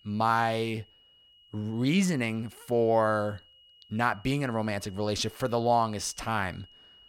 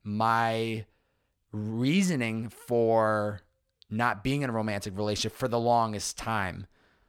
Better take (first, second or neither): second